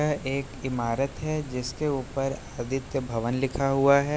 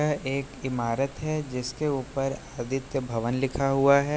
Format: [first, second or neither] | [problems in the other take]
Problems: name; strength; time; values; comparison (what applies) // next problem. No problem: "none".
second | background sound (Engine); 17 dB below the speech